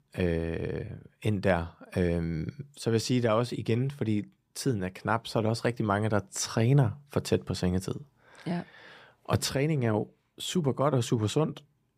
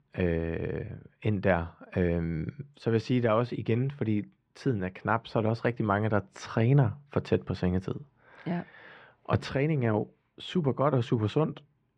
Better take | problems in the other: first | muffled; slightly; fading above 2.5 kHz

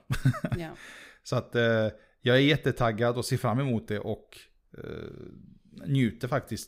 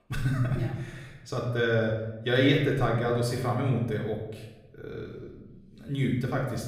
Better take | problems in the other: first | off-mic speech; far // room echo; noticeable; dies away in 0.8 s

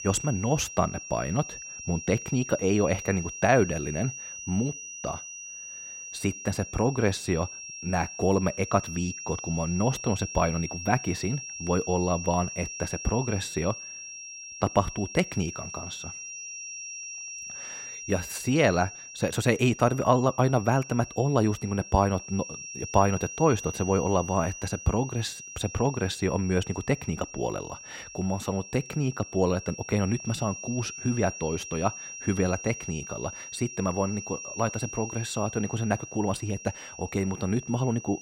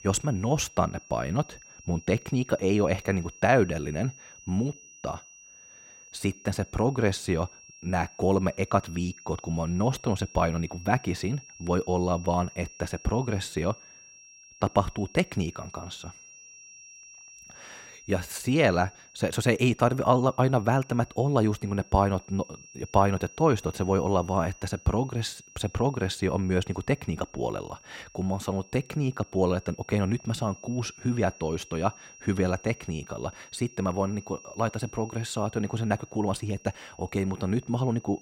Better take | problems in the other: second | high-pitched whine; loud; throughout; 5.5 kHz, 10 dB below the speech; faint in the second

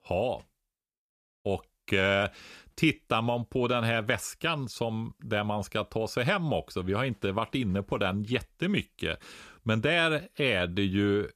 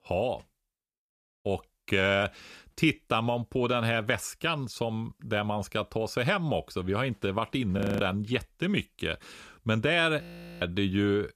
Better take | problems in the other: first | audio freezing; at 8 s and at 10 s

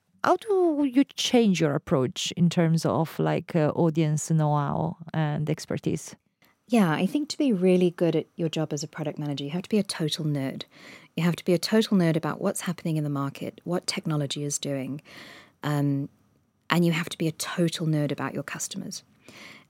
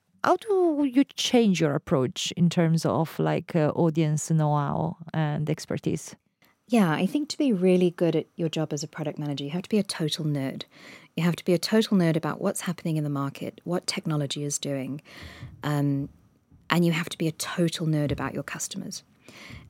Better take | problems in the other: first | footsteps; faint; from 15 s on; peak 15 dB below the speech

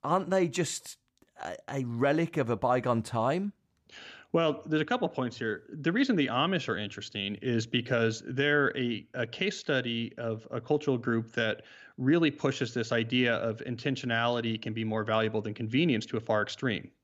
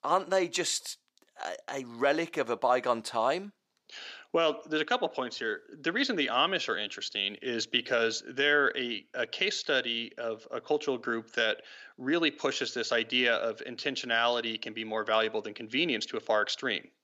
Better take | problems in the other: first | thin; somewhat; fading below 400 Hz

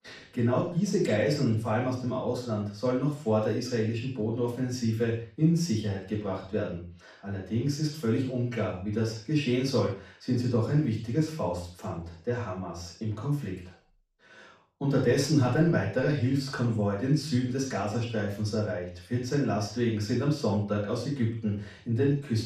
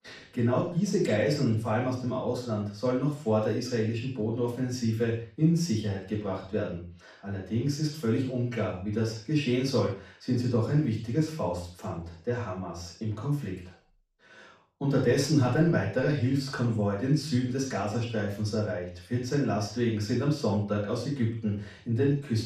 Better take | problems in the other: neither | room echo; strong; dies away in 0.4 s; the same in both // off-mic speech; far; the same in both

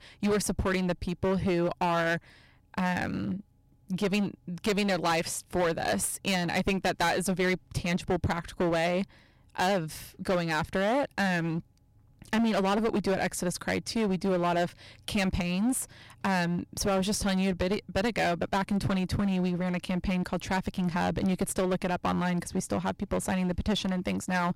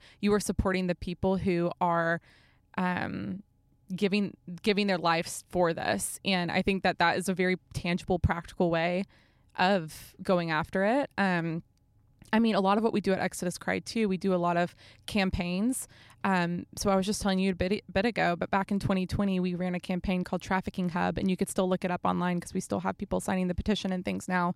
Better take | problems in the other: second | distortion; heavy; 14% of the sound clipped

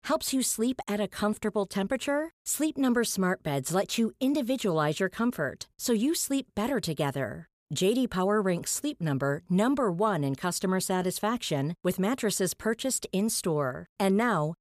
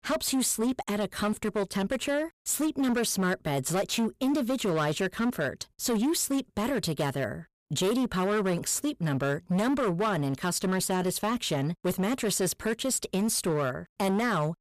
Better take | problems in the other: first | distortion; slight; 15% of the sound clipped

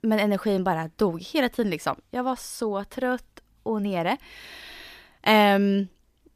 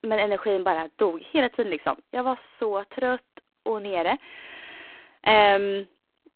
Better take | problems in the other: first | phone-call audio; poor line

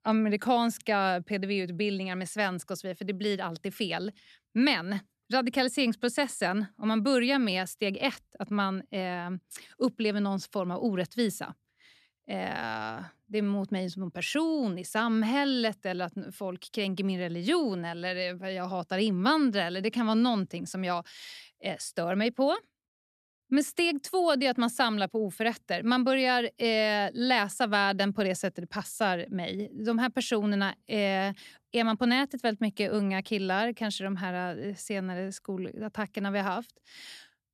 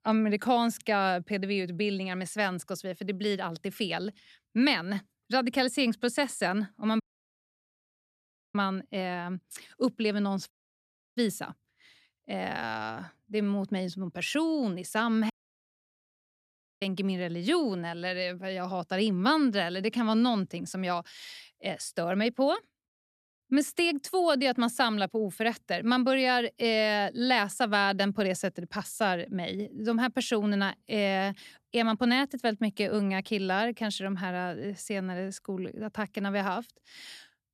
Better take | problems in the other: first | audio cutting out; at 7 s for 1.5 s, at 11 s for 0.5 s and at 15 s for 1.5 s

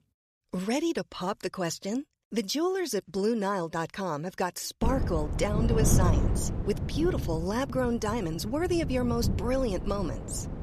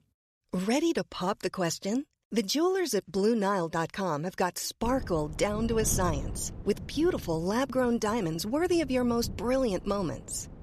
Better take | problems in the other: second | wind noise on the microphone; heavy; from 5 s on; 8 dB below the speech; occasional gusts in the second

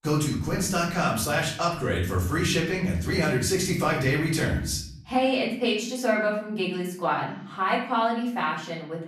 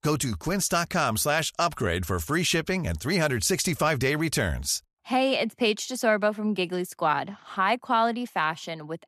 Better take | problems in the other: second | room echo; noticeable; dies away in 0.7 s // off-mic speech; far

